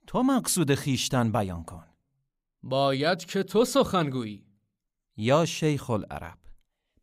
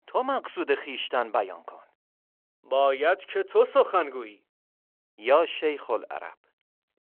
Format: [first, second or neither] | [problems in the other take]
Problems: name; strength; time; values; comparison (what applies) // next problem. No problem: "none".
first | phone-call audio